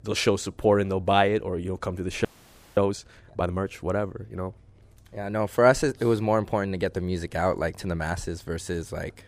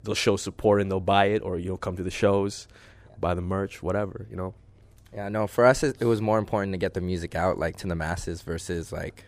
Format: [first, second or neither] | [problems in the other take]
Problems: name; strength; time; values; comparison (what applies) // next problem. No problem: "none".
second | audio freezing; at 2.5 s for 0.5 s